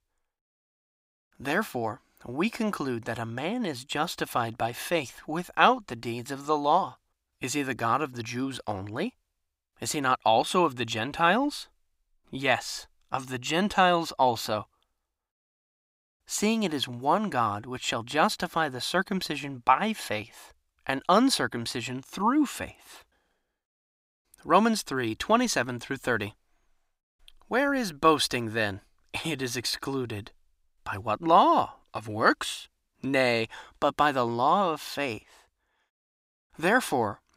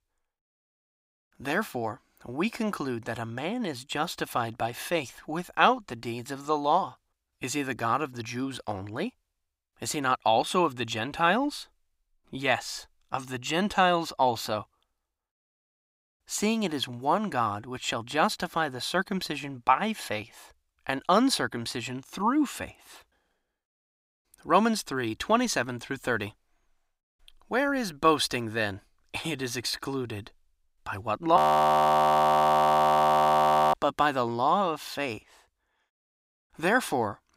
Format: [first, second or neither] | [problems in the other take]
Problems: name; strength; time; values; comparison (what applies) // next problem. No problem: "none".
first | audio freezing; at 31 s for 2.5 s